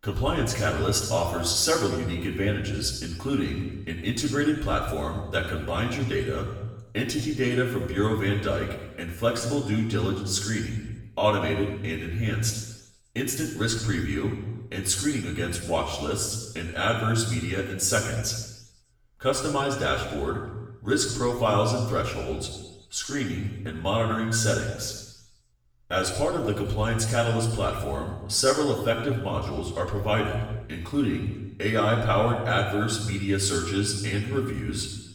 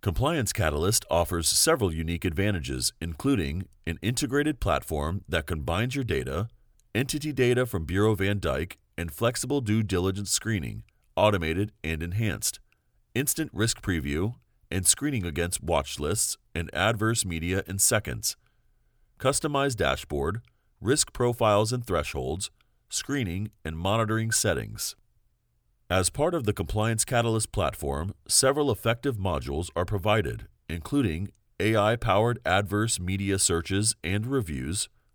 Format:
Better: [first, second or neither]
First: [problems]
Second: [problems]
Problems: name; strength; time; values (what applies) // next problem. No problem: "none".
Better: second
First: room echo; noticeable; dies away in 1 s // off-mic speech; far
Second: none